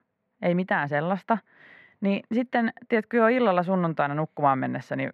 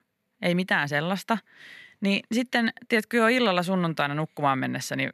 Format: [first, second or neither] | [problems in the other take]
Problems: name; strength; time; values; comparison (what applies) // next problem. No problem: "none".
second | muffled; very; fading above 3.5 kHz